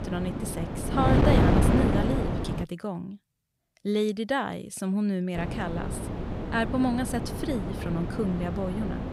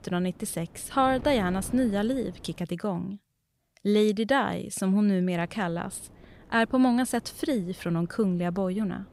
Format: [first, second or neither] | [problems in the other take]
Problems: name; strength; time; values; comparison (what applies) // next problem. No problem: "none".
second | wind noise on the microphone; heavy; until 2.5 s and from 5.5 s on; 1 dB below the speech; occasional gusts in the second